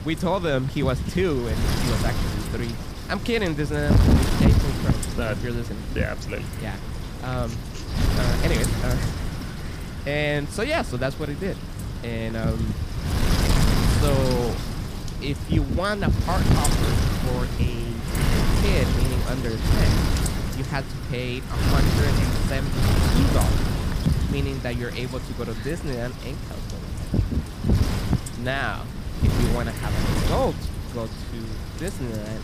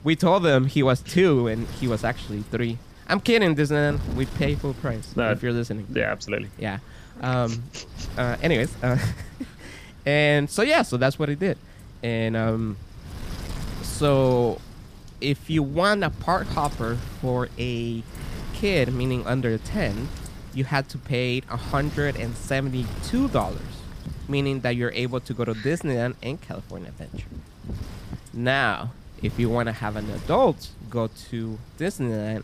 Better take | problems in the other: second | wind noise on the microphone; heavy; 2 dB below the speech; occasional gusts in the second

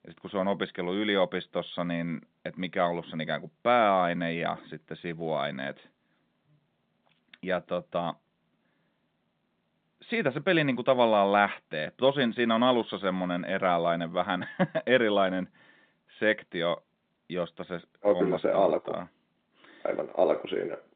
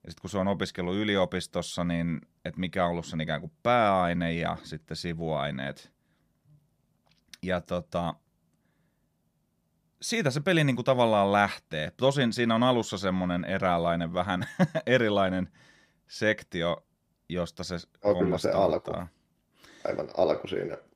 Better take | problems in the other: second | phone-call audio; nothing above 3.5 kHz

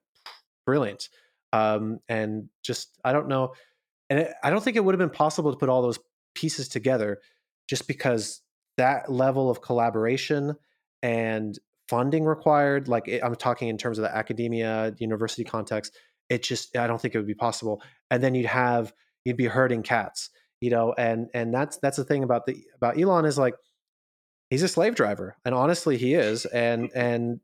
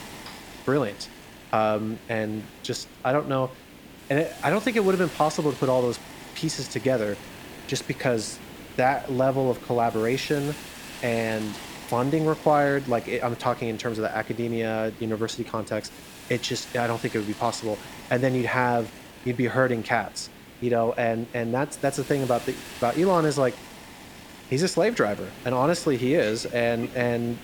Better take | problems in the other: first | hiss; noticeable; throughout; 15 dB below the speech

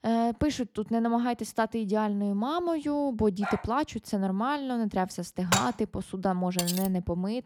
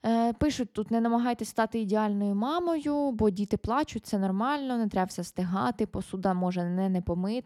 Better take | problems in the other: second | dog barking; noticeable; at 3.5 s; peak 7 dB below the speech // clattering dishes; loud; at 5.5 s; peak 1 dB above the speech // clattering dishes; noticeable; at 6.5 s; peak 2 dB below the speech

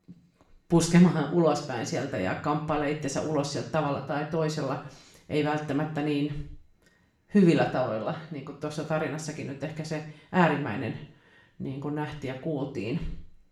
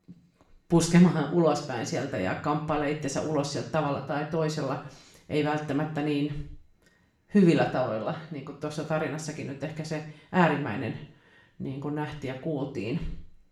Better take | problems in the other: neither | room echo; slight; dies away in 0.5 s; the same in both // off-mic speech; somewhat distant; the same in both

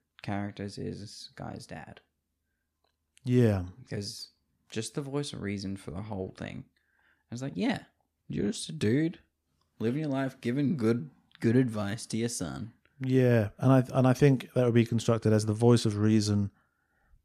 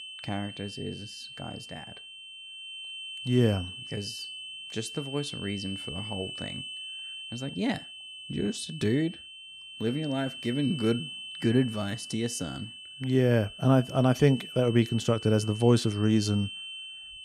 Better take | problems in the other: first | high-pitched whine; noticeable; throughout; 3 kHz, 10 dB below the speech

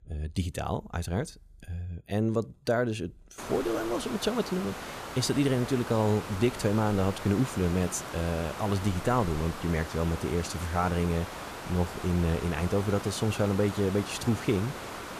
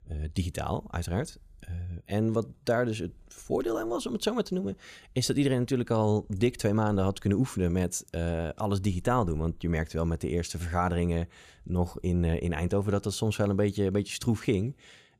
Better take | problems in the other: second | hiss; loud; from 3.5 s on; 9 dB below the speech

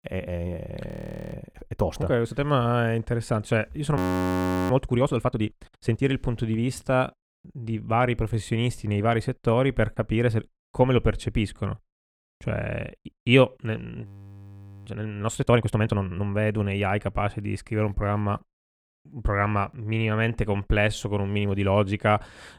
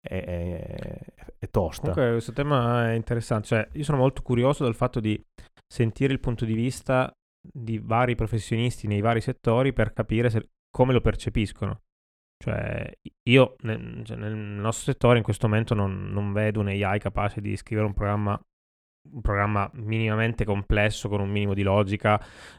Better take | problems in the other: second | audio freezing; at 1 s, at 4 s for 0.5 s and at 14 s for 1 s

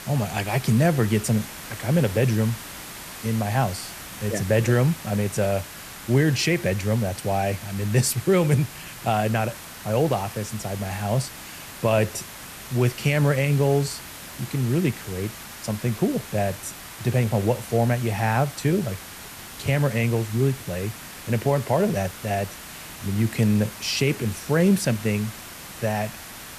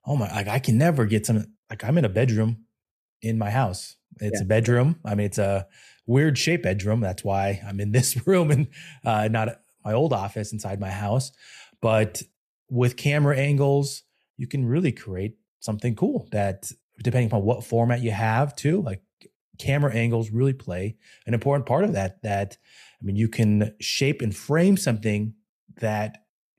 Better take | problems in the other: second | hiss; noticeable; throughout; 15 dB below the speech

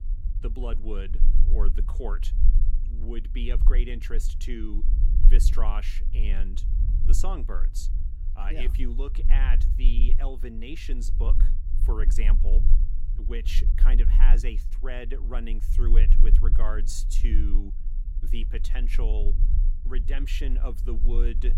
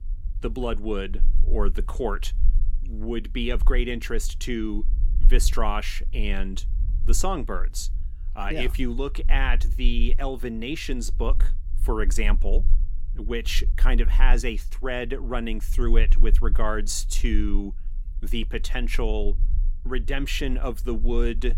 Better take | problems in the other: second | low rumble; loud; throughout; 10 dB below the speech; faint in the second

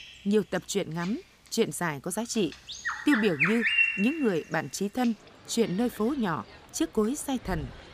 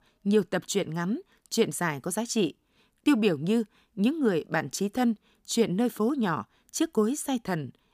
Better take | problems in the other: second | animal sounds; very loud; throughout; 2 dB above the speech

